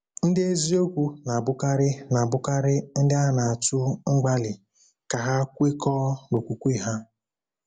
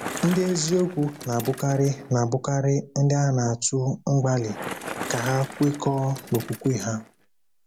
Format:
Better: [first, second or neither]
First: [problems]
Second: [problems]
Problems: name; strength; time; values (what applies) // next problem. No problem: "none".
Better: first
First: none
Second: background sound (Bicycle); 14 dB below the speech